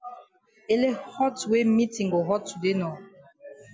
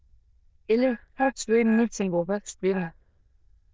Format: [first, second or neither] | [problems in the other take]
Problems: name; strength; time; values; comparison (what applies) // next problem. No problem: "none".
first | noise reduction (neural diffusion model UNIVERSE++)